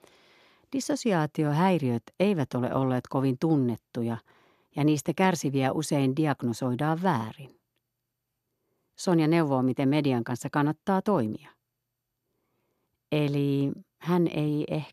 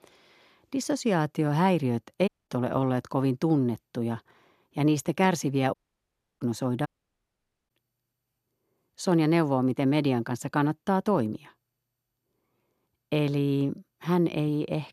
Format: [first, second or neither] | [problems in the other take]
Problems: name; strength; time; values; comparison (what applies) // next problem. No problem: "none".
first | audio cutting out; at 2.5 s, at 5.5 s for 0.5 s and at 7 s for 1 s